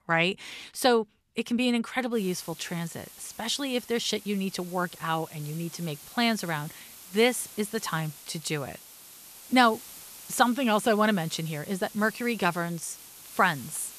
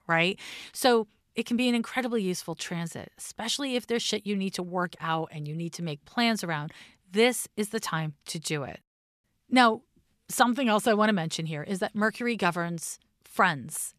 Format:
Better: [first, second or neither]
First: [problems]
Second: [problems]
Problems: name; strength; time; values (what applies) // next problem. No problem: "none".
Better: second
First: hiss; noticeable; from 2 s on; 15 dB below the speech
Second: none